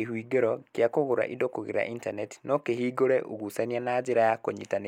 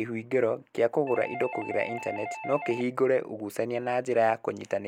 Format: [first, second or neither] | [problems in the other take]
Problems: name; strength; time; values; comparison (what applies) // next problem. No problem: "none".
first | background sound (Doorbell); 11 dB below the speech